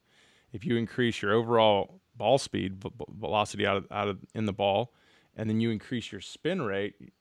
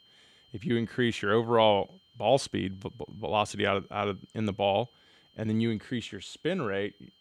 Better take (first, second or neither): first